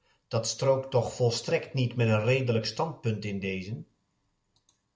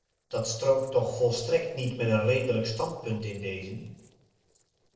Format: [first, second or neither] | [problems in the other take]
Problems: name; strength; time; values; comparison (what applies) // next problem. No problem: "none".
first | noise reduction (neural separator model SepFormer DNS4)